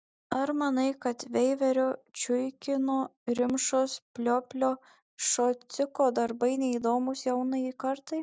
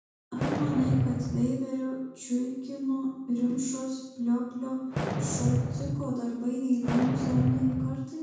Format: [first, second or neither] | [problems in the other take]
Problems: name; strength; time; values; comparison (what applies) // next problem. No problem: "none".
first | background sound (Fireworks); 1 dB above the speech // room echo; dies away in 1.2 s